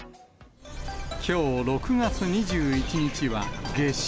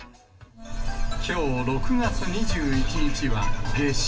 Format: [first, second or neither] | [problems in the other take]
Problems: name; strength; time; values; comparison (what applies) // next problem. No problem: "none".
first | background sound (Wind instrument, woodwind instrument); 20 dB below the speech // room echo; dies away in 0.2 s